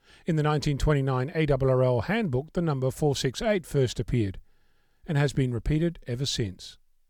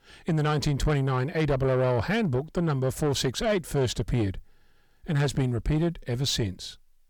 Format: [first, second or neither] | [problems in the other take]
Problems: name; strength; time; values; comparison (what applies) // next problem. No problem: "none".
first | distortion; slight; 10 dB below the speech